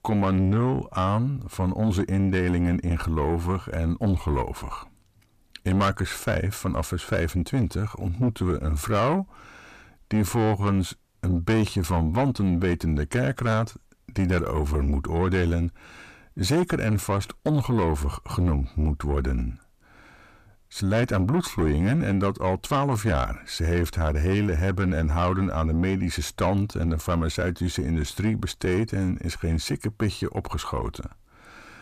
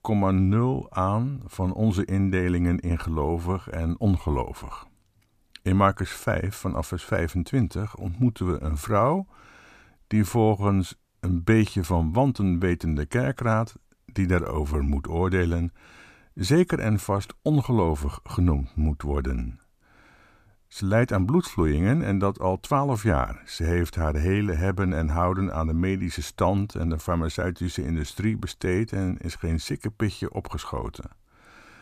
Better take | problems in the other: second | distortion; slight; 10 dB below the speech

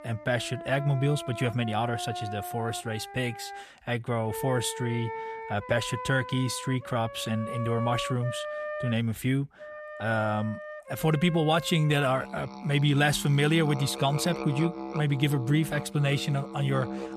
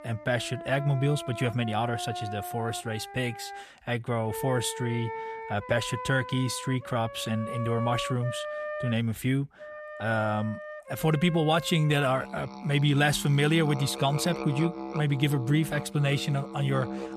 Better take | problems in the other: neither | background music; noticeable; throughout; 10 dB below the speech; the same in both

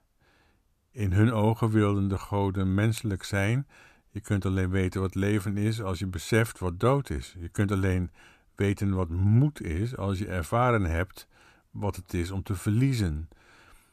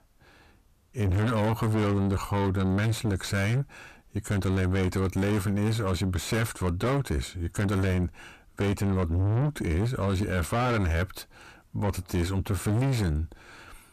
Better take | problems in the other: first | distortion; heavy; 5 dB below the speech

